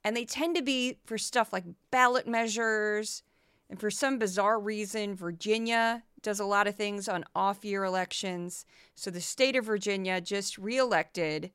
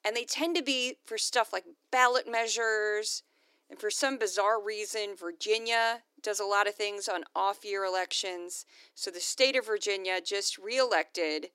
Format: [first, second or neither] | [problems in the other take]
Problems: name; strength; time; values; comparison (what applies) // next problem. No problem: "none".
first | thin; somewhat; fading below 300 Hz